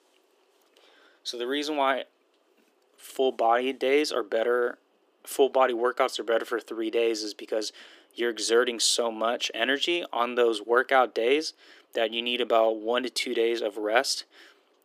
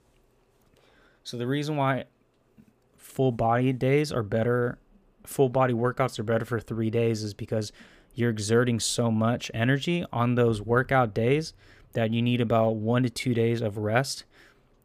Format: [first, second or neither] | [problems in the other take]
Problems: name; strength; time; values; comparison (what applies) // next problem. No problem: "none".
second | thin; somewhat; fading below 300 Hz